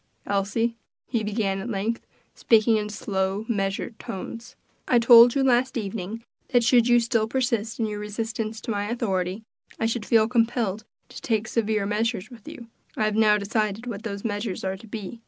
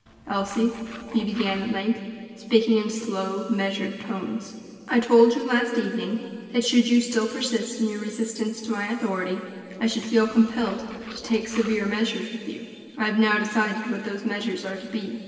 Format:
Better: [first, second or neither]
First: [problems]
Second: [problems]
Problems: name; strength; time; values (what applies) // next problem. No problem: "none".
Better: first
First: none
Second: background sound (Tools); 18 dB below the speech // room echo; dies away in 2.6 s